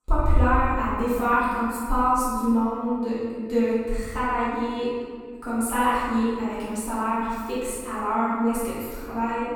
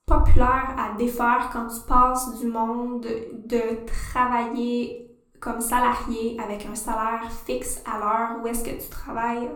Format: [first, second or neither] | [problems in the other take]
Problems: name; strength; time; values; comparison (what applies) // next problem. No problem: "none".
second | room echo; strong; dies away in 1.8 s; slight in the second // off-mic speech; far; somewhat distant in the second